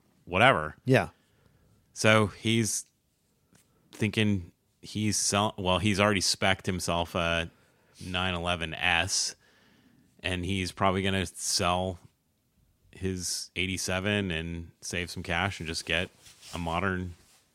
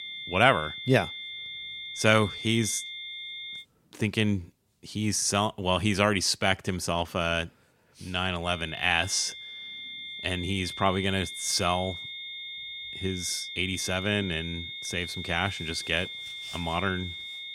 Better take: first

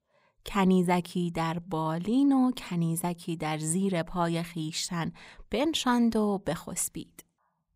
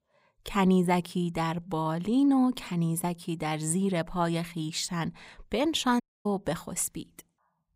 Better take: first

